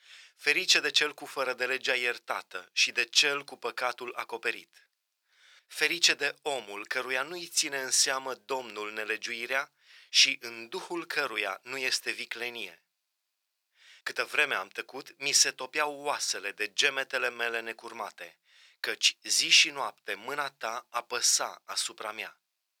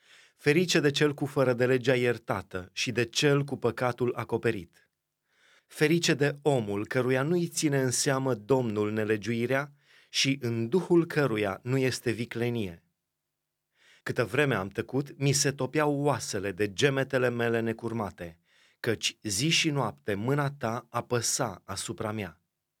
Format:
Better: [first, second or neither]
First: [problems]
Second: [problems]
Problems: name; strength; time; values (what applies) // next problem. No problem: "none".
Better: second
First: thin; very; fading below 800 Hz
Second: none